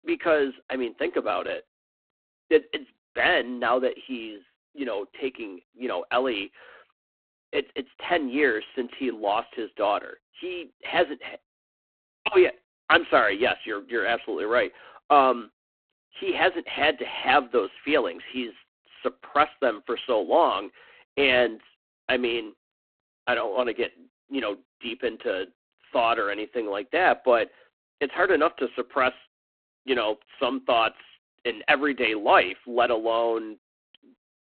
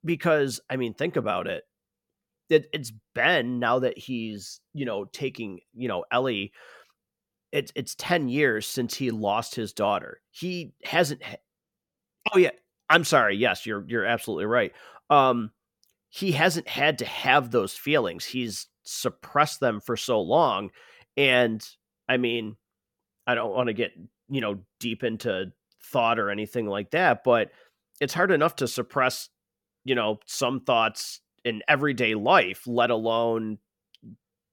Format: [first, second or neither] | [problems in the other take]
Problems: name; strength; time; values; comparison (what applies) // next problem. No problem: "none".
second | phone-call audio; poor line